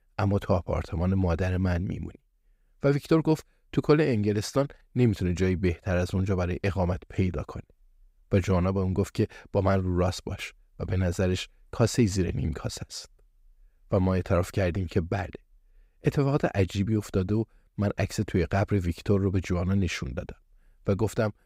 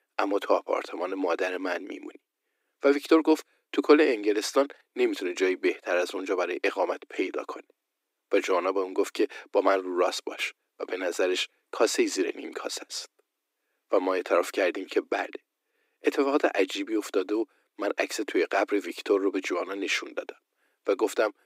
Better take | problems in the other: first | thin; somewhat; fading below 300 Hz

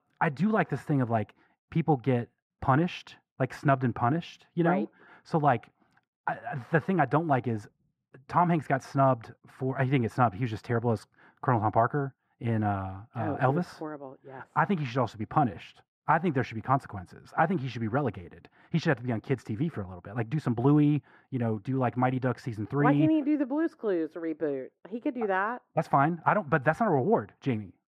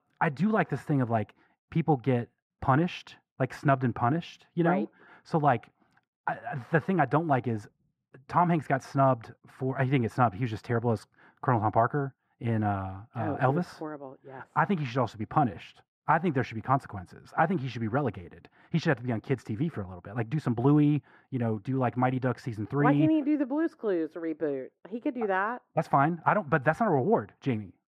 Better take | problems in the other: neither | muffled; very; fading above 3 kHz; the same in both

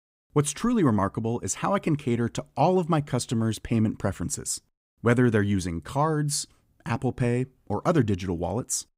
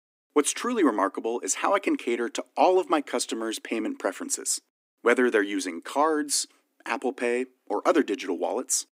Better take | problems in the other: first | thin; somewhat; fading below 250 Hz

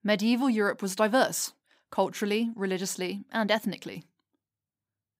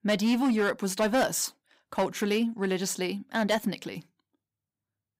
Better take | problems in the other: first | distortion; slight; 5% of the sound clipped

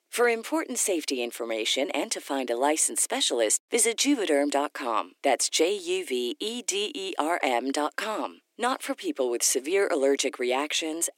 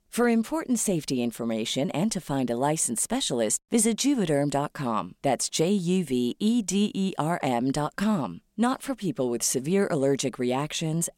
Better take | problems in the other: second | thin; somewhat; fading below 300 Hz

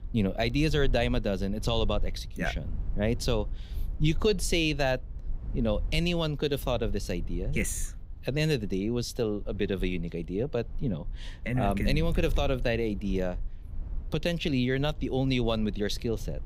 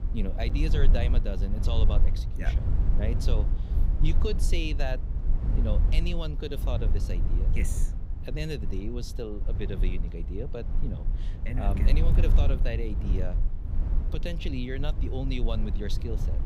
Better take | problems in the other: first | low rumble; loud; throughout; 7 dB below the speech; faint in the first

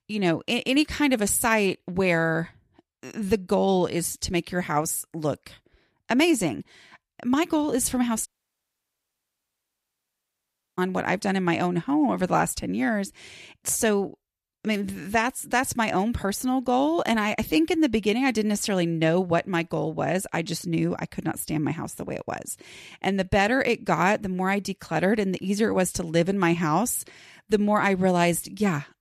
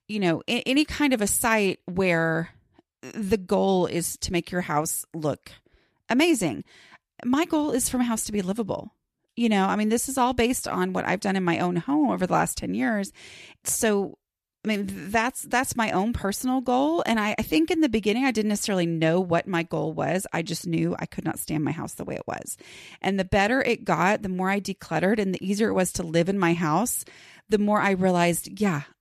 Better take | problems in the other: second | audio cutting out; at 8.5 s for 2.5 s

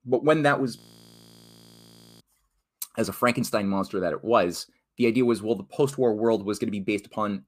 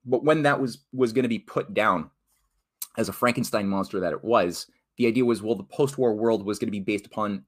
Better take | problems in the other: second | audio freezing; at 1 s for 1.5 s

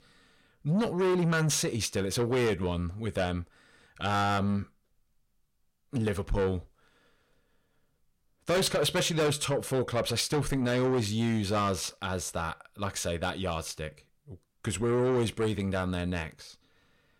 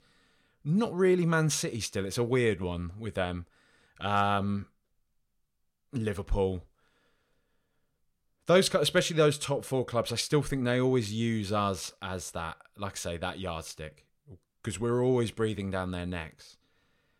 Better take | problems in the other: second | distortion; heavy; 7 dB below the speech

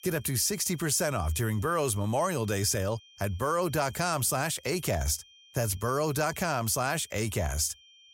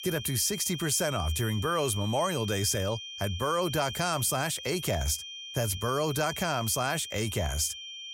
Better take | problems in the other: first | high-pitched whine; loud; throughout; 3 kHz, 9 dB below the speech; faint in the first

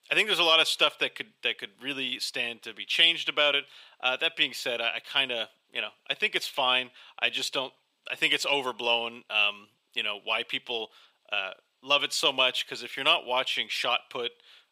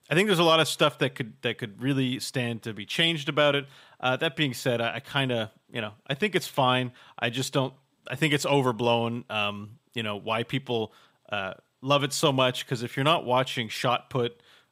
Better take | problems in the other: second | thin; somewhat; fading below 450 Hz

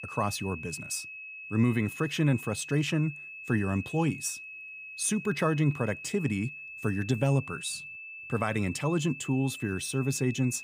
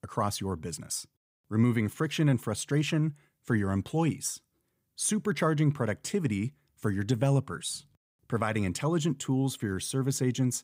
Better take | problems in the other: second | high-pitched whine; noticeable; throughout; 2.5 kHz, 10 dB below the speech

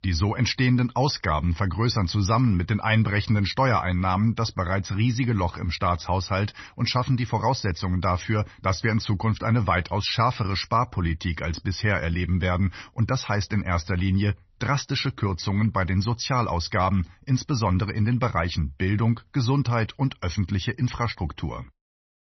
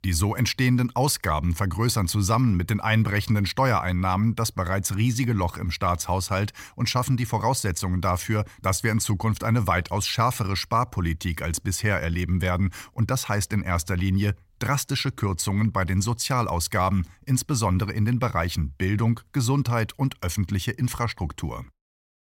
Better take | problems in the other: second | garbled, watery; slightly; nothing above 6 kHz

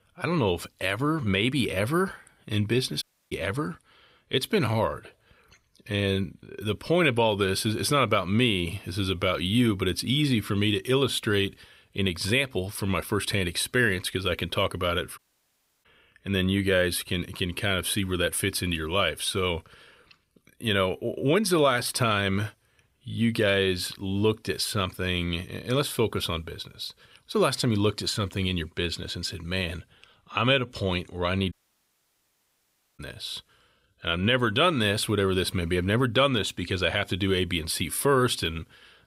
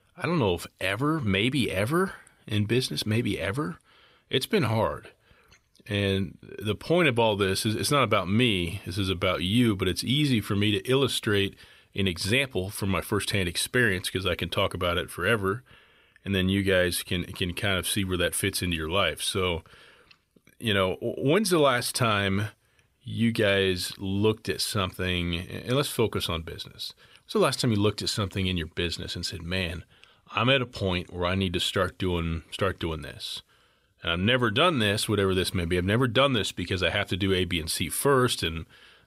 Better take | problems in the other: second | audio cutting out; at 3 s, at 15 s for 0.5 s and at 32 s for 1.5 s

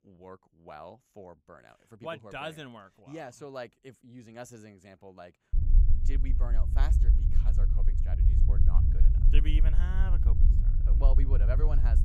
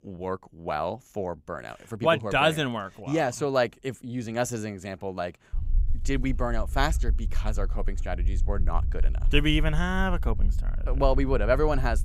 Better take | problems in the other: second | low rumble; loud; from 5.5 s on; 4 dB below the speech; faint in the second

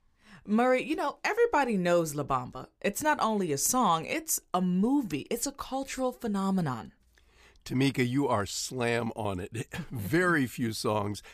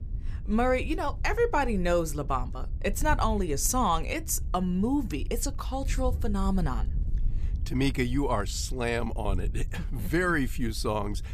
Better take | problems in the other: first | wind noise on the microphone; occasional gusts; 25 dB below the speech

